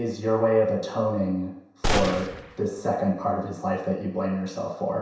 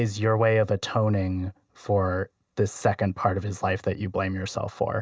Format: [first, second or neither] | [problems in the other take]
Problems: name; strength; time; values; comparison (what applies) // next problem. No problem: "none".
second | background sound (Gunshot, gunfire); 3 dB below the speech // room echo; dies away in 0.7 s